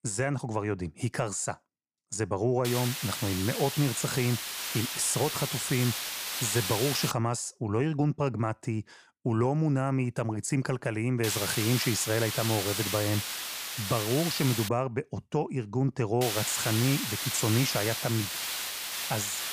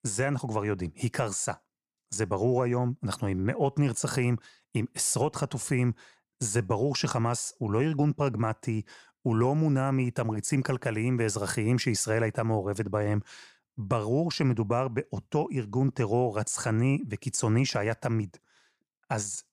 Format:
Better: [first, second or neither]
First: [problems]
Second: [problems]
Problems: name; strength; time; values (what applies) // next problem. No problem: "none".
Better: second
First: hiss; loud; from 2.5 to 7 s, from 11 to 15 s and from 16 s on; 2 dB below the speech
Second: none